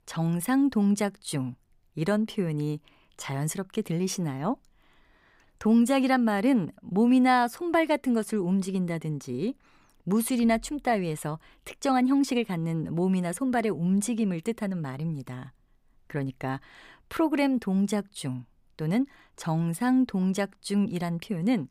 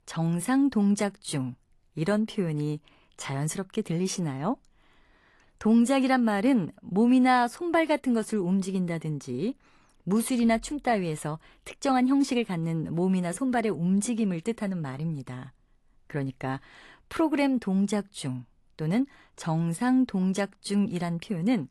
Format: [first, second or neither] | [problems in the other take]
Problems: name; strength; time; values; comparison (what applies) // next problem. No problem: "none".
first | garbled, watery; slightly; nothing above 11.5 kHz